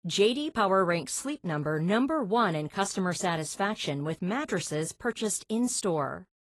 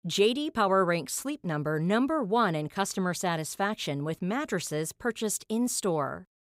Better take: second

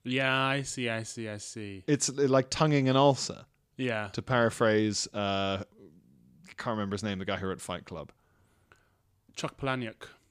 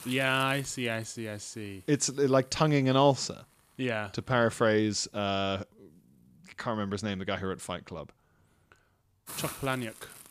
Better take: first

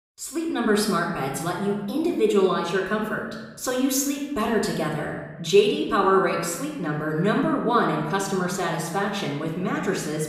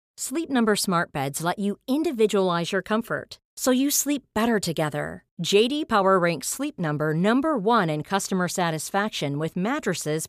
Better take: second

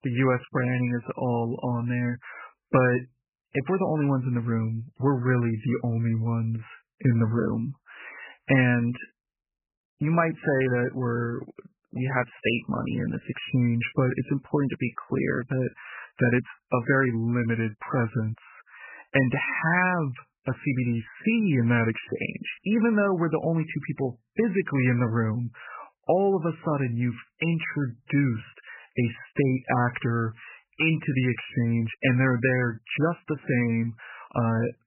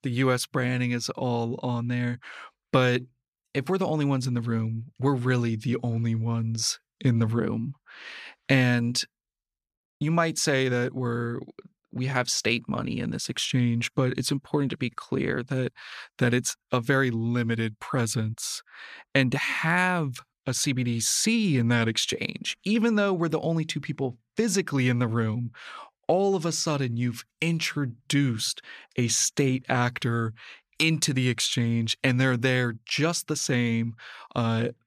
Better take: second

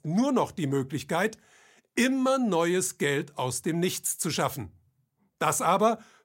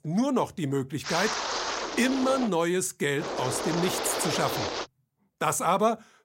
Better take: first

